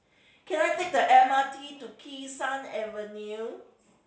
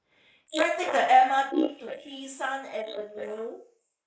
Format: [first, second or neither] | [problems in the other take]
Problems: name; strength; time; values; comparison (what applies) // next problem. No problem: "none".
first | noise reduction (neural mask model Resemble Enhance denoiser)